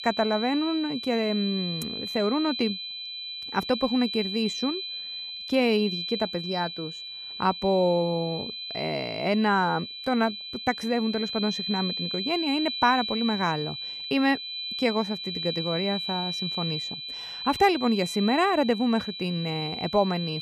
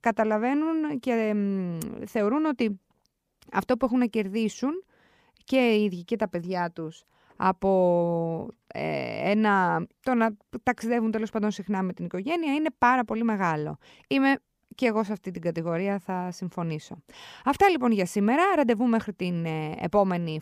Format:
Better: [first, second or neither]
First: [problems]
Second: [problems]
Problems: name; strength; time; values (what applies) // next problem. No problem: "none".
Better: second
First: high-pitched whine; loud; throughout; 4 kHz, 5 dB below the speech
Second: none